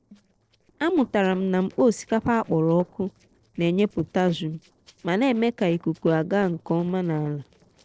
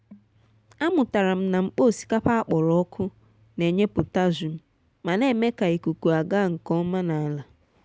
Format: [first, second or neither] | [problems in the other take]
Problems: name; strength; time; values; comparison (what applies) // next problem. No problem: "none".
second | noise reduction (neural separator model SepFormer DNS4)